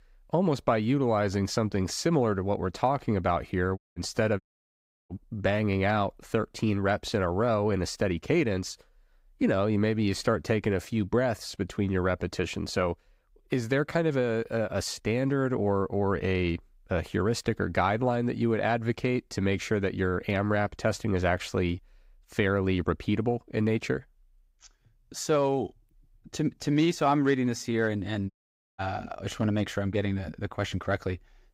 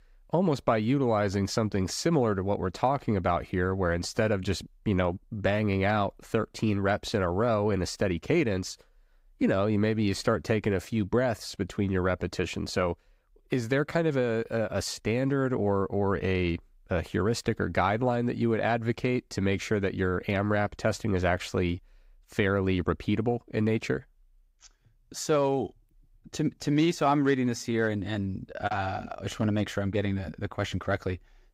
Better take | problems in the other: second | audio cutting out; at 4 s, at 4.5 s for 0.5 s and at 28 s

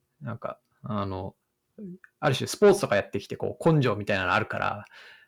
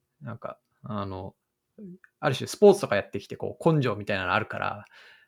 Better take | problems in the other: second | distortion; slight; 10 dB below the speech

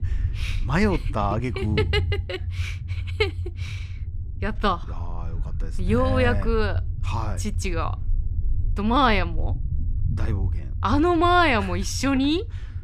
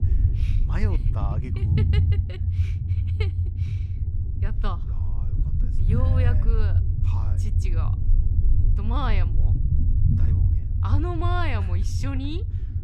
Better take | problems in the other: first | low rumble; loud; throughout; 5 dB below the speech; faint in the first

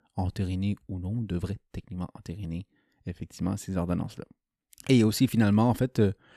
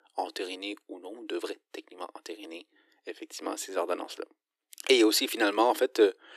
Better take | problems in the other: first | thin; very; fading below 300 Hz

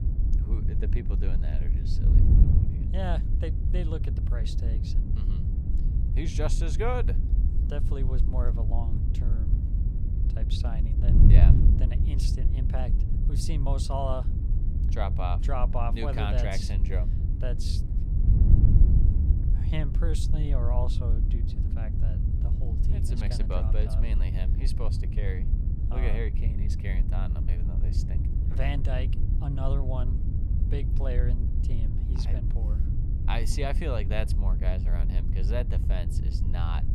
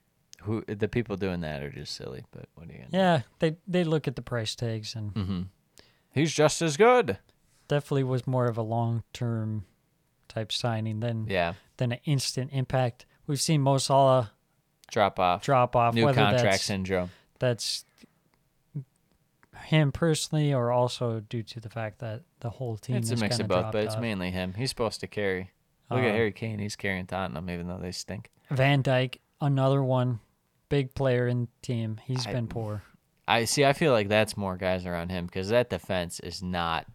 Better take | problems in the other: second | wind noise on the microphone; heavy; 5 dB below the speech

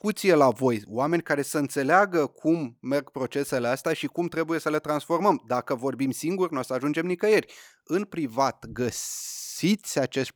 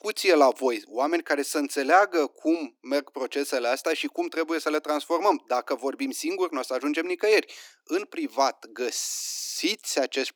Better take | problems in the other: first | thin; very slightly; fading below 300 Hz

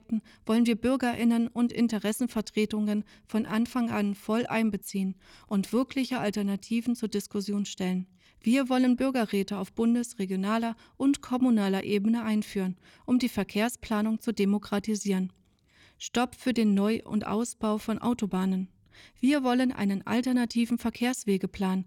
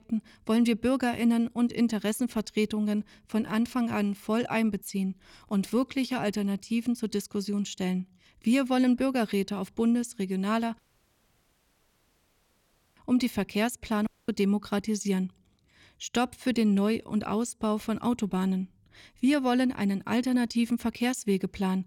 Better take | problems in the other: first | audio cutting out; at 11 s for 2 s and at 14 s

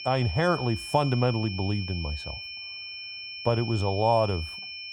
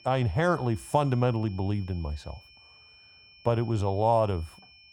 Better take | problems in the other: second | high-pitched whine; loud; throughout; 2.5 kHz, 9 dB below the speech; faint in the second

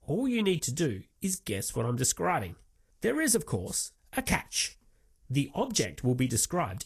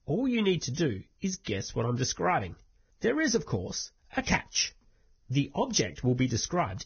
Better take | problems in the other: first | garbled, watery; badly; nothing above 6.5 kHz; slightly in the first

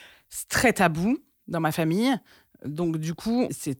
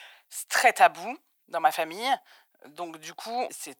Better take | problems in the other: first | thin; very; fading below 750 Hz

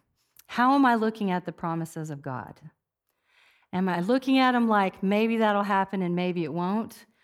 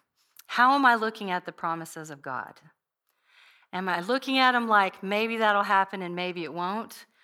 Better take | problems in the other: first | thin; somewhat; fading below 700 Hz

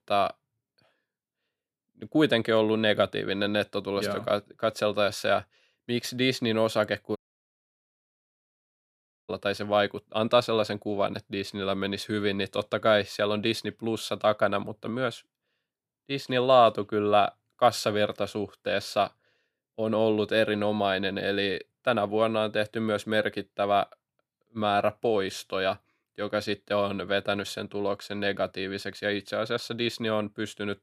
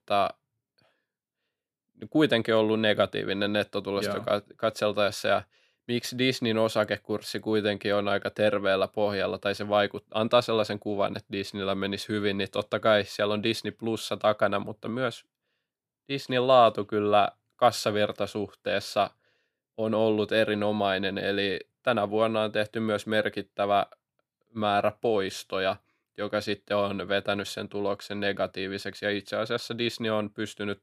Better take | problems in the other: second | audio cutting out; at 7 s for 2 s

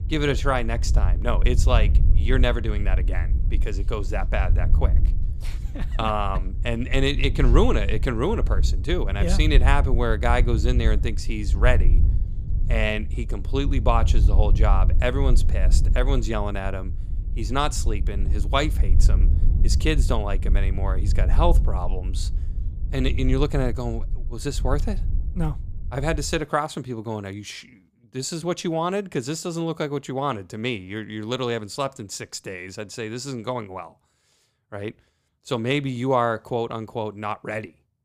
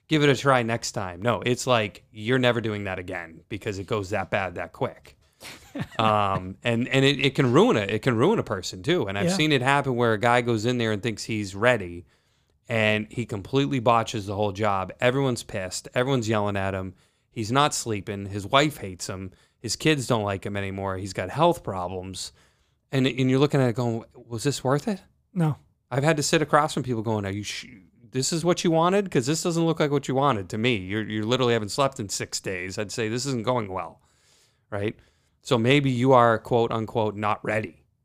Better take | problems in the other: second | wind noise on the microphone; occasional gusts; until 26 s; 15 dB below the speech

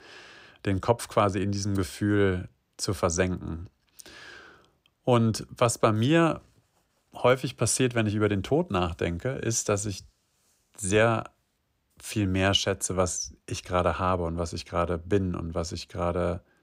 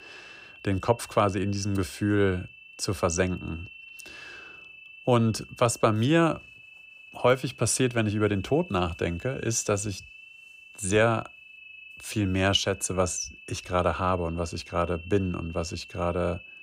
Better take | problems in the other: first | high-pitched whine; noticeable; throughout; 2.5 kHz, 20 dB below the speech

